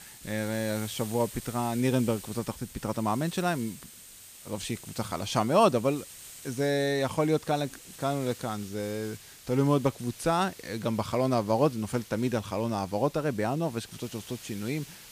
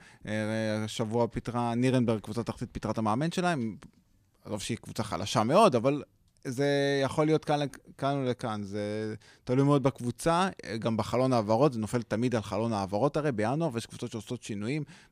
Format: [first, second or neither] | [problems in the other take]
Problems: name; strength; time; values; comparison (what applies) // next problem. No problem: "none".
second | hiss; noticeable; throughout; 15 dB below the speech